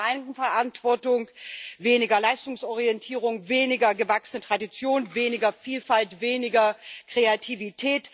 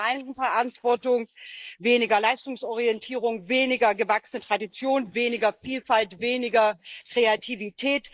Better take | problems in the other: first | noise reduction (neural mask model Resemble Enhance denoiser)

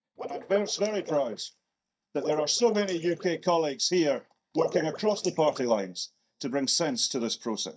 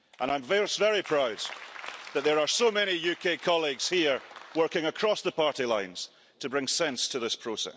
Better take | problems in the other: second | noise reduction (neural mask model DeepFilterNet 3)

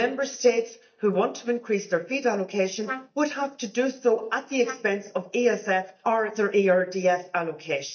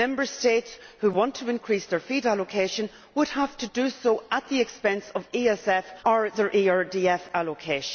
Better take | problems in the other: second | noise reduction (neural mask model DeepFilterNet 3)

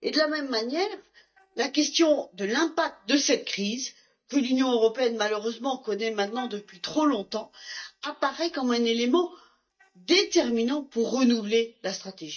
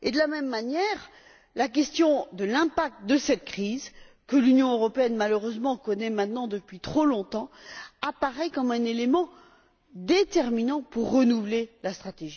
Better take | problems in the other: second | noise reduction (neural mask model DeepFilterNet 3)

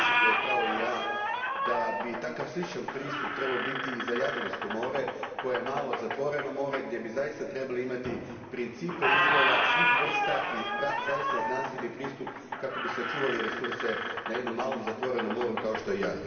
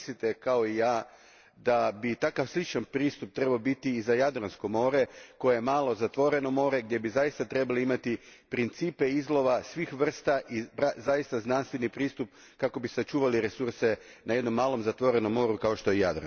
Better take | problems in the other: second | background sound (Squeak); 2 dB above the speech // room echo; dies away in 2.5 s

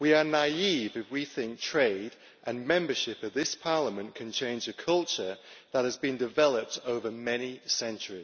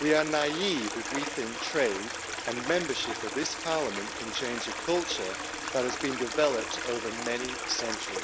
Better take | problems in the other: first | background sound (Stream); 4 dB below the speech

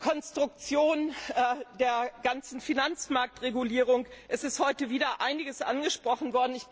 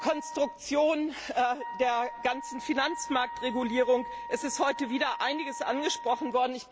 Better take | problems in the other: first | background sound (Wind instrument, woodwind instrument); 11 dB below the speech

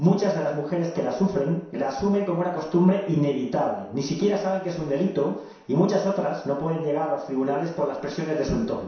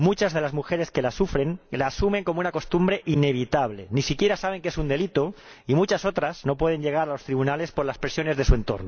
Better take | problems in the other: second | room echo; dies away in 0.7 s

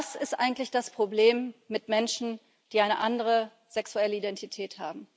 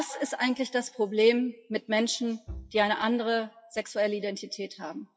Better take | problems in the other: first | noise reduction (classical method WPE with log-MMSE)

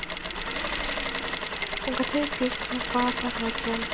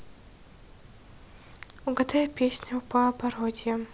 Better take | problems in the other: second | background sound (Mechanisms); 1 dB above the speech

